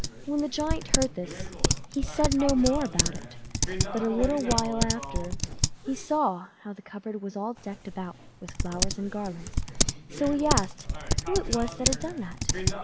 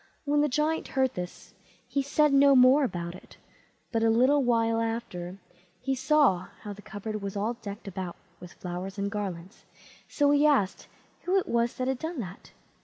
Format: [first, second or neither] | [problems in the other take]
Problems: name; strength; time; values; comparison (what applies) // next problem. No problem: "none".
second | background sound (Typing); 1 dB above the speech